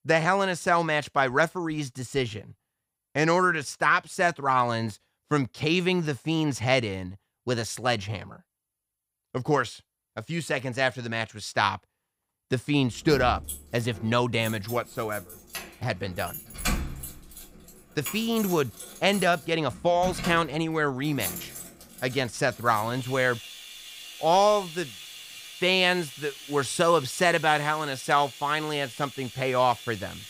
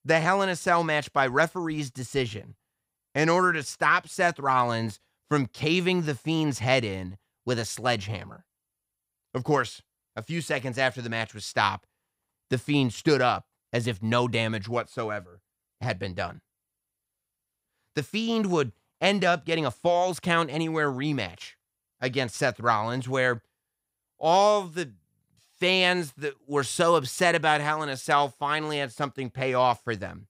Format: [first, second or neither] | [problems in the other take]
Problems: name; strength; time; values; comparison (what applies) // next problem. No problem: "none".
second | household noises; noticeable; from 13 s on; 15 dB below the speech